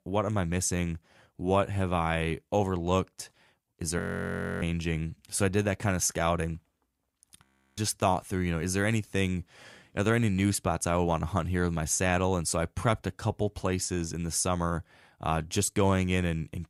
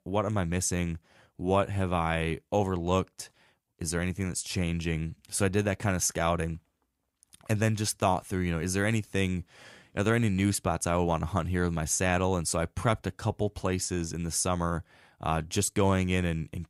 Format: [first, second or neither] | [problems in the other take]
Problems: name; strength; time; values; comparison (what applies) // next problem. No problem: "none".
second | audio freezing; at 4 s for 0.5 s and at 7.5 s